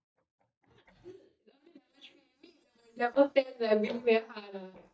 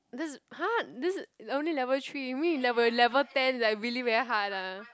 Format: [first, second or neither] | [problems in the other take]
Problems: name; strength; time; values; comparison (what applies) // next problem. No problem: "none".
second | noise reduction (neural mask model DeepFilterNet 3)